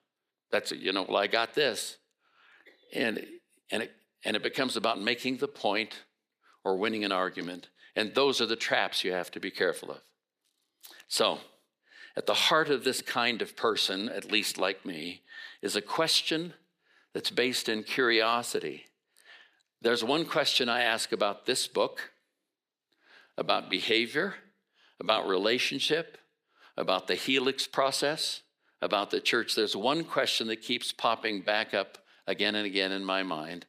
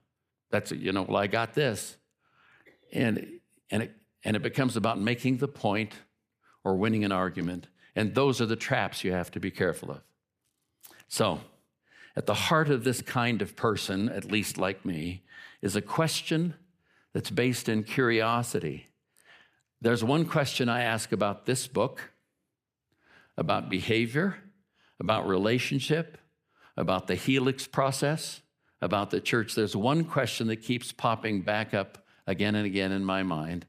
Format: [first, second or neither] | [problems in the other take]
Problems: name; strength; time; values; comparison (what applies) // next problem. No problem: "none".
second | thin; somewhat; fading below 400 Hz